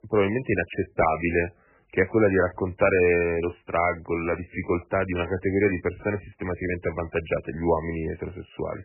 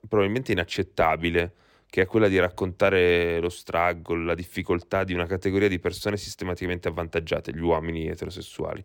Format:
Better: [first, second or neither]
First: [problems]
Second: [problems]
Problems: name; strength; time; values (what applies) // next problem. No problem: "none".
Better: second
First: garbled, watery; badly; nothing above 2.5 kHz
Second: none